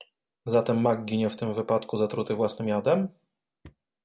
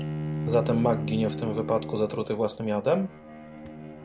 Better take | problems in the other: first | background sound (Bowed string instrument); 6 dB below the speech

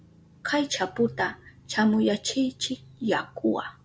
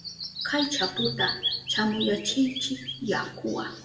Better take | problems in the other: first | background sound (Bird vocalization, bird call, bird song); 5 dB below the speech // room echo; dies away in 0.6 s

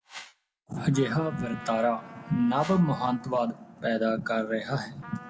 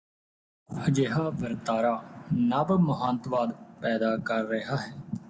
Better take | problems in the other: second | background sound (Trumpet + Whoosh, swoosh, swish); 18 dB below the speech

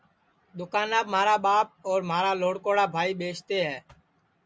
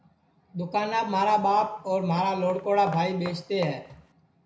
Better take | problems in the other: first | background sound (Walk, footsteps); 19 dB below the speech // room echo; dies away in 0.5 s

